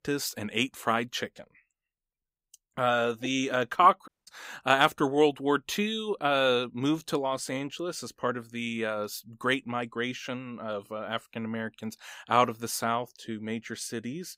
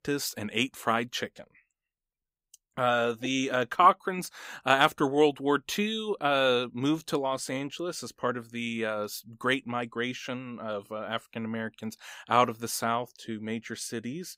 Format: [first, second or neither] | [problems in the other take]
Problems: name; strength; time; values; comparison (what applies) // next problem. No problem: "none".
second | audio cutting out; at 4 s